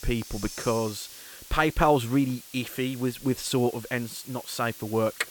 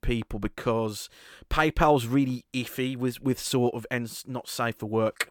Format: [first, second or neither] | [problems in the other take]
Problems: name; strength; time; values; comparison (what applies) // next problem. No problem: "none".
second | hiss; noticeable; throughout; 15 dB below the speech